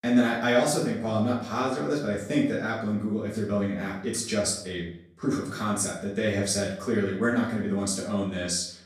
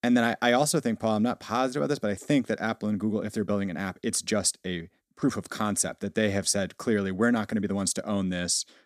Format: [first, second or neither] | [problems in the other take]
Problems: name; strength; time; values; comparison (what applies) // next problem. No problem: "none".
second | off-mic speech; far // room echo; noticeable; dies away in 0.5 s